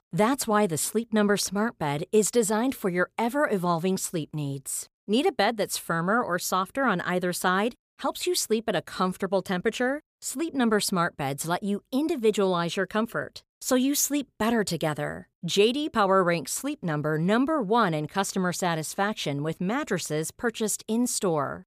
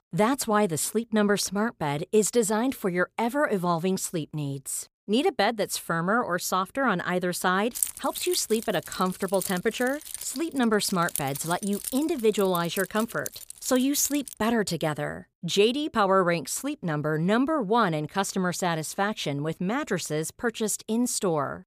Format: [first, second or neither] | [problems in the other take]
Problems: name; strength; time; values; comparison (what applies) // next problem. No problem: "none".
first | jangling keys; noticeable; from 8 to 14 s; peak 2 dB below the speech